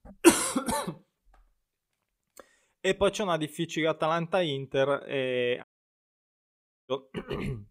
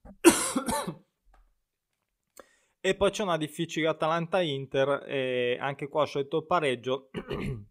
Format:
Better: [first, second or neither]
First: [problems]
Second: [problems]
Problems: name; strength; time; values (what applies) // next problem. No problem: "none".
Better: second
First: audio cutting out; at 5.5 s for 1 s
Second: none